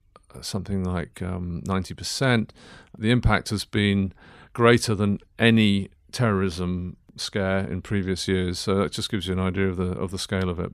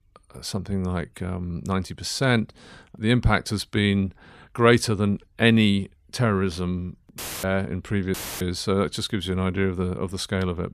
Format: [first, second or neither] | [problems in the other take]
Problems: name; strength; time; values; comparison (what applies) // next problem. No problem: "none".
first | audio cutting out; filled with static; at 7 s and at 8 s